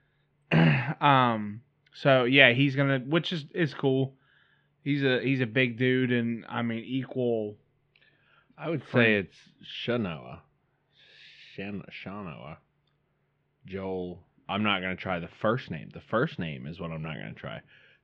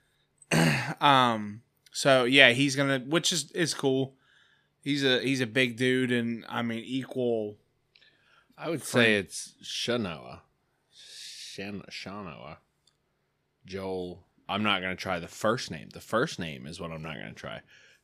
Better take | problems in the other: second | muffled; very; fading above 3 kHz

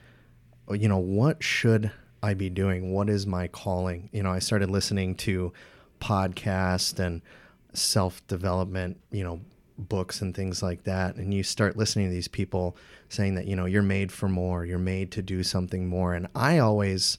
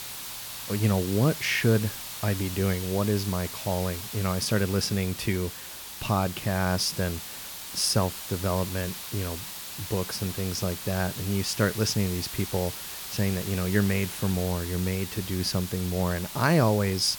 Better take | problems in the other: first | hiss; loud; throughout; 8 dB below the speech

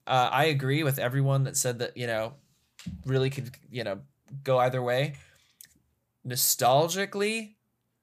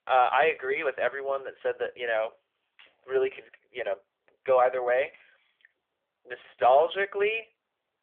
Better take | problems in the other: first | phone-call audio; nothing above 3.5 kHz

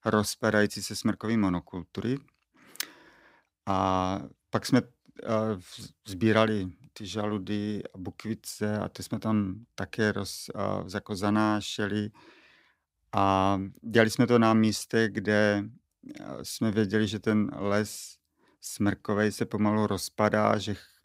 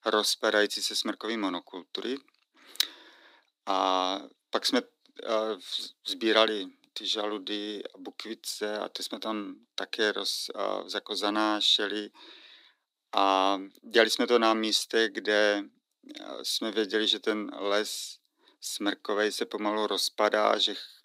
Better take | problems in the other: first | thin; somewhat; fading below 300 Hz

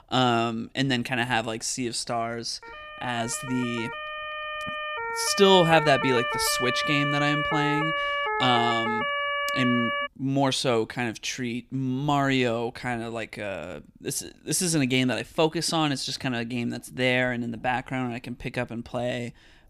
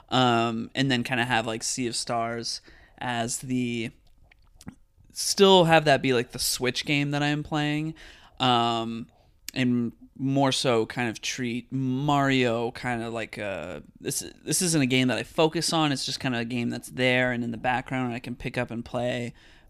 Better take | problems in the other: second | siren; loud; from 2.5 to 10 s; peak level with the speech

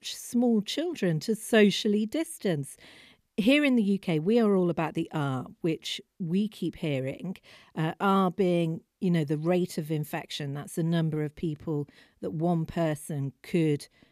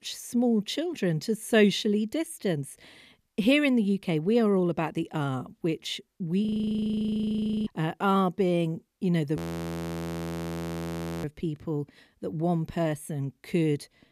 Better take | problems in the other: first | audio freezing; at 6.5 s for 1 s and at 9.5 s for 2 s

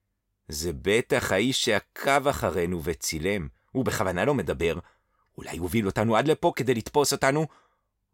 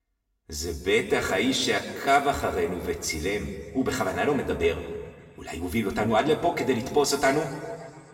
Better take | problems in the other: first | room echo; noticeable; dies away in 1.6 s // off-mic speech; somewhat distant

